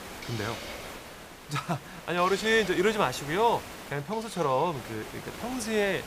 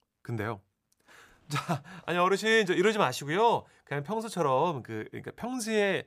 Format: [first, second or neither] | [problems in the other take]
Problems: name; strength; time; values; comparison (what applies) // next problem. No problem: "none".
second | hiss; noticeable; throughout; 10 dB below the speech